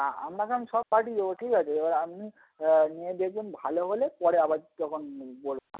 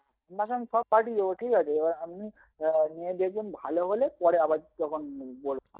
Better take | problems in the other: first | noise reduction (neural mask model DeepFilterNet 3)

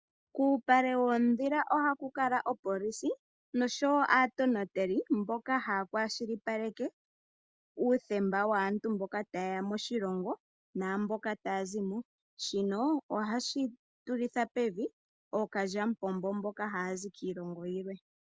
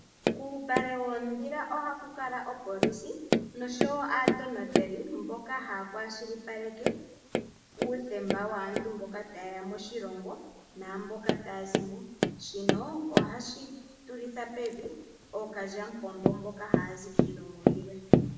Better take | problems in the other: first | background sound (Tap); 4 dB above the speech // room echo; dies away in 0.9 s

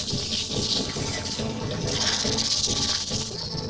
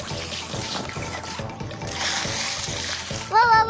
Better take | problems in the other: second | noise reduction (neural separator model SepFormer DNS4)

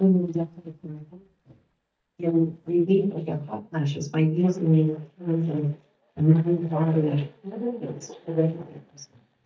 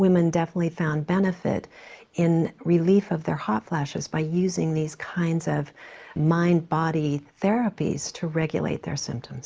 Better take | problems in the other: second | noise reduction (neural mask model DeepFilterNet 3)

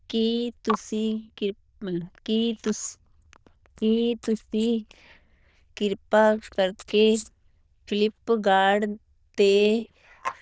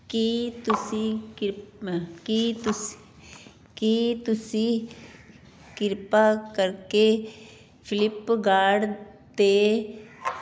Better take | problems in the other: second | noise reduction (neural diffusion model UNIVERSE++)

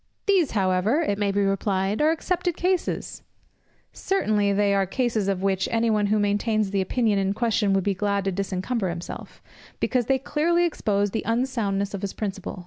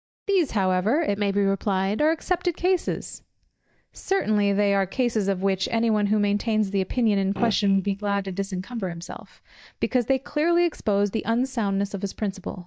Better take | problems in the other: first | noise reduction (neural mask model DeepFilterNet 3)

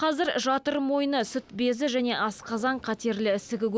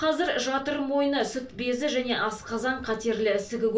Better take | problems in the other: first | room echo; dies away in 0.2 s

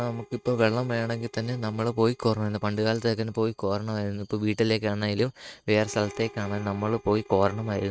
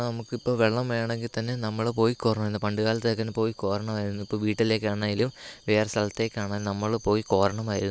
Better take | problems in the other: second | noise reduction (neural mask model RNNoise)

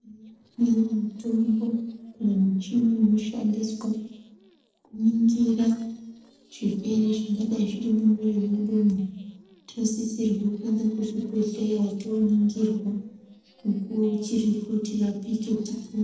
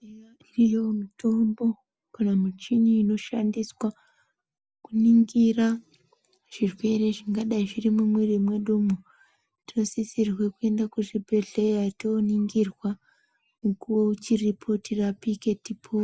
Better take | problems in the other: second | noise reduction (neural separator model SepFormer DNS4)

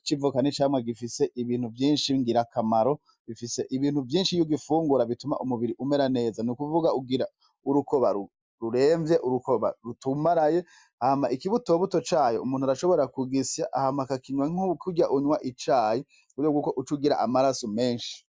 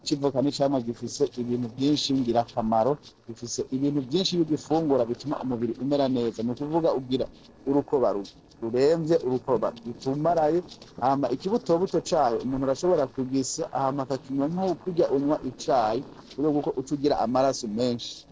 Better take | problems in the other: first | noise reduction (neural separator model SepFormer DNS4)

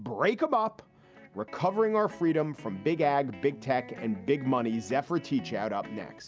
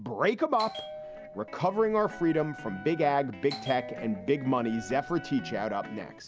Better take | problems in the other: first | background sound (Bell + Wind instrument, woodwind instrument); 15 dB below the speech

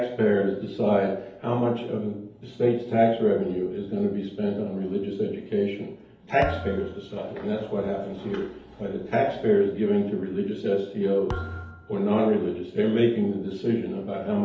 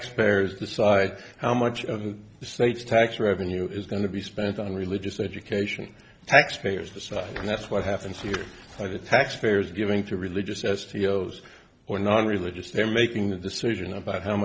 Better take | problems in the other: second | background sound (Thump, thud); 13 dB below the speech // room echo; dies away in 2.2 s

